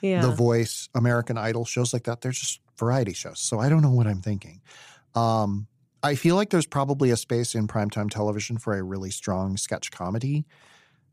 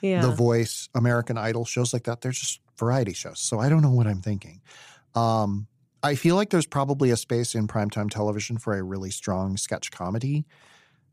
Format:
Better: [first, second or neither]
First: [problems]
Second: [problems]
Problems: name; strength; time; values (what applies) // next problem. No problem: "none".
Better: neither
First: none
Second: none